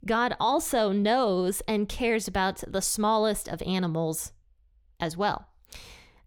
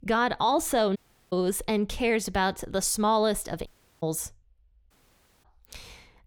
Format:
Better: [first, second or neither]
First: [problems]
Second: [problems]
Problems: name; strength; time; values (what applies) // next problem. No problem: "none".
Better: first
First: none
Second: audio cutting out; at 1 s, at 3.5 s and at 5 s for 0.5 s